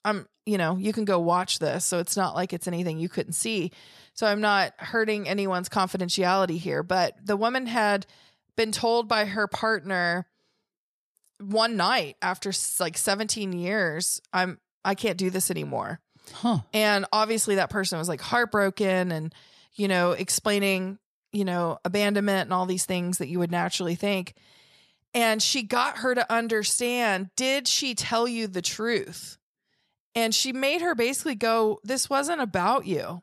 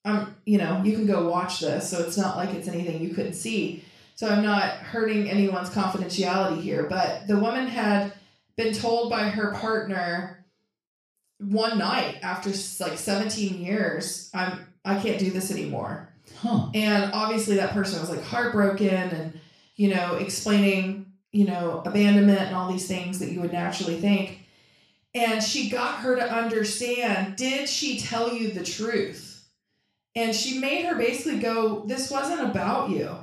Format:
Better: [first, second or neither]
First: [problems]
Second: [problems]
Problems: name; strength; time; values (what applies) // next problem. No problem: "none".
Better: first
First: none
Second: room echo; noticeable; dies away in 0.4 s // off-mic speech; far